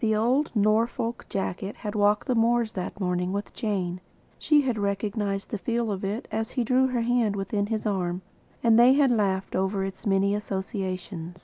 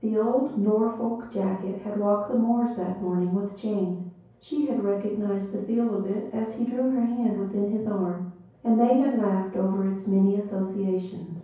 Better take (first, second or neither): first